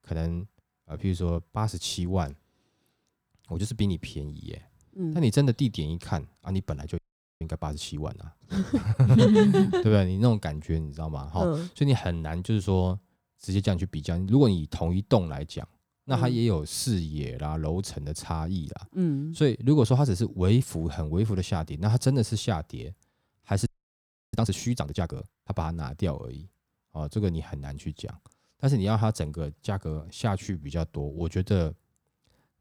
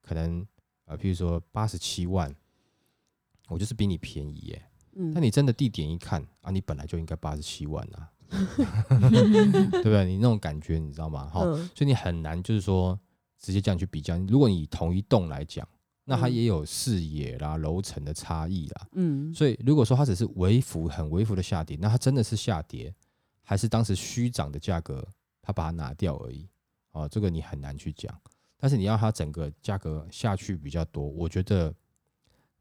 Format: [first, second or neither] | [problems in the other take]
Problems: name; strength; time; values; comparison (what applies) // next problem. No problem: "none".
second | audio freezing; at 7 s and at 24 s for 0.5 s